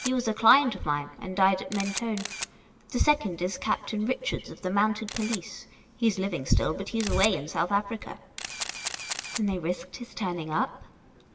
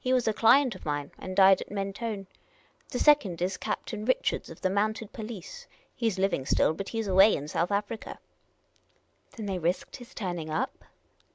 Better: second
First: background sound (Camera); 13 dB below the speech // room echo; dies away in 1.4 s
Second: none

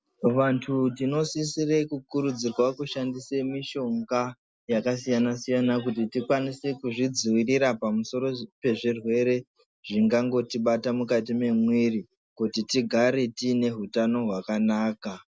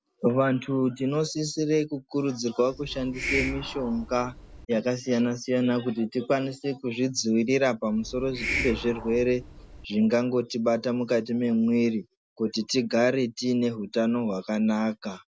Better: first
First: none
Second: background sound (Hiss); 8 dB below the speech

